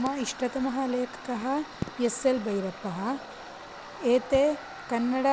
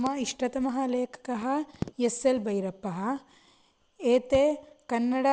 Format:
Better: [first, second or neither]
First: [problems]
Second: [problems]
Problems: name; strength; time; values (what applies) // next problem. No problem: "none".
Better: second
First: background sound (Tools); 14 dB below the speech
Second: none